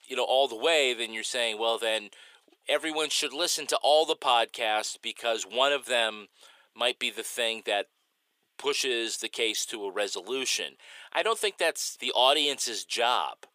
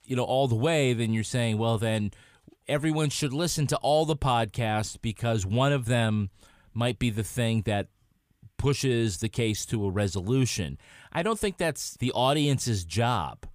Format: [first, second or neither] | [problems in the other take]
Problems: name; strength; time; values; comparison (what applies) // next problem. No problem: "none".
second | thin; very; fading below 400 Hz